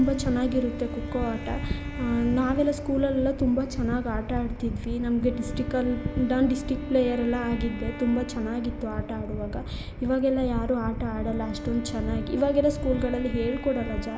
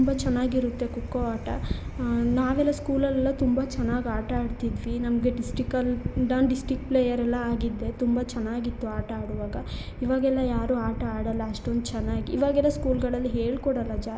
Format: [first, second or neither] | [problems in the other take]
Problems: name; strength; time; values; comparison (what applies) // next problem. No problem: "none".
second | background sound (Wind instrument, woodwind instrument); 14 dB below the speech